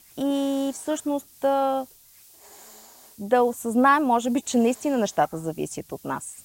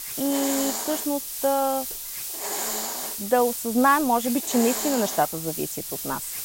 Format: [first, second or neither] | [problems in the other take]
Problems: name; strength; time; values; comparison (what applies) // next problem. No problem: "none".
first | hiss; loud; throughout; 4 dB below the speech; faint in the first